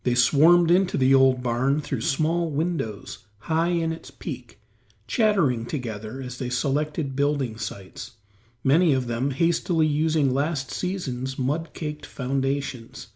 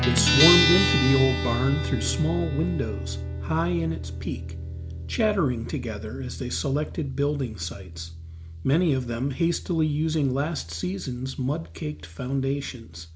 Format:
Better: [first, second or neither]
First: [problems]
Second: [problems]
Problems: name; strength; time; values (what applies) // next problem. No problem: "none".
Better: first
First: none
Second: background sound (Guitar); 3 dB below the speech